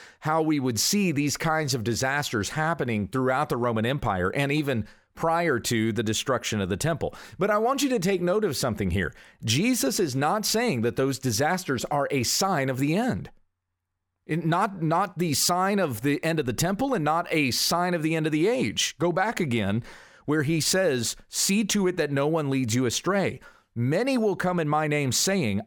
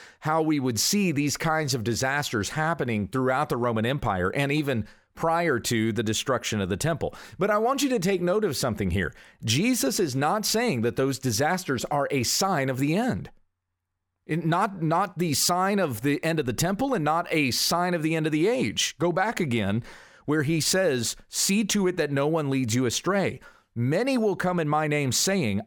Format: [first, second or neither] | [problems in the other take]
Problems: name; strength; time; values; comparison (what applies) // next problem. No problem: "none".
neither | none